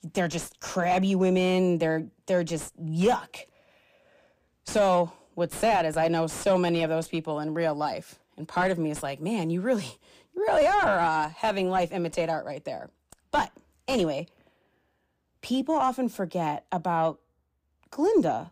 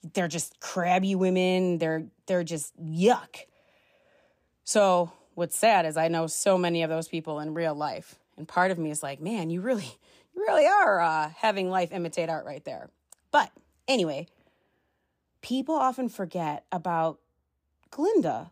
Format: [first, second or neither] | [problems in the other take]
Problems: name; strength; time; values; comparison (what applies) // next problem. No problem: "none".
second | distortion; slight; 10 dB below the speech